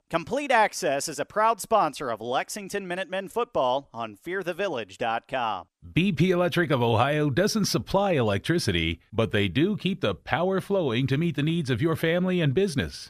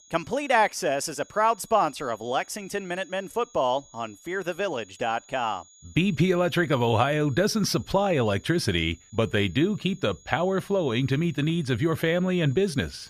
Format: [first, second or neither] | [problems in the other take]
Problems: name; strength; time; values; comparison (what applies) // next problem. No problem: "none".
first | high-pitched whine; faint; throughout; 6.5 kHz, 25 dB below the speech